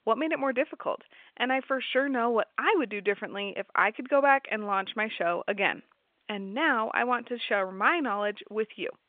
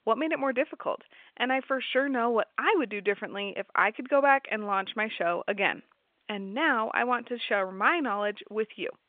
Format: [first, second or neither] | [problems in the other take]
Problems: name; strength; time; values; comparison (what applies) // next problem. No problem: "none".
neither | phone-call audio; the same in both